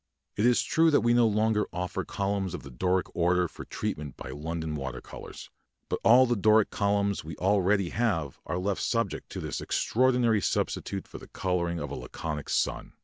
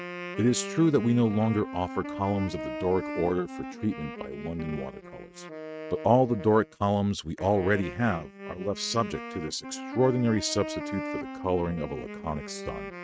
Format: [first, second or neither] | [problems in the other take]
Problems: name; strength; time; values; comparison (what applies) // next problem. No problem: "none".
first | noise reduction (neural mask model RNNoise)